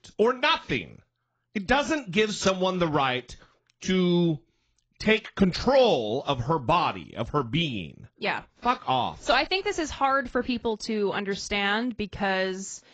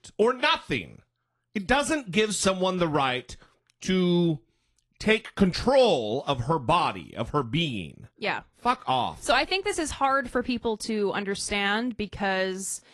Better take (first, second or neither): second